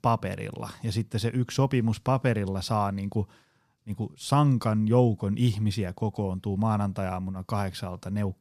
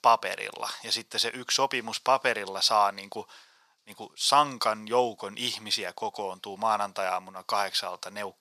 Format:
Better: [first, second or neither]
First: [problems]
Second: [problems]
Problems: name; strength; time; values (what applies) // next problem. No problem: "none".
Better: first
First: none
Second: thin; very; fading below 800 Hz